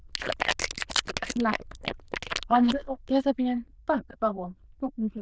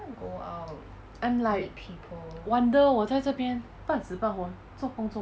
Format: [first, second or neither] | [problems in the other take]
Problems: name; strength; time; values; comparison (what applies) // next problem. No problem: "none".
second | noise reduction (neural diffusion model UNIVERSE++)